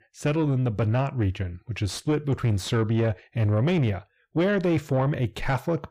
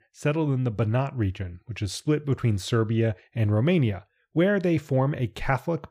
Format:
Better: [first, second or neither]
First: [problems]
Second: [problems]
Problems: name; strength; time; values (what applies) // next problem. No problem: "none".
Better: second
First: distortion; slight; 10 dB below the speech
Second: none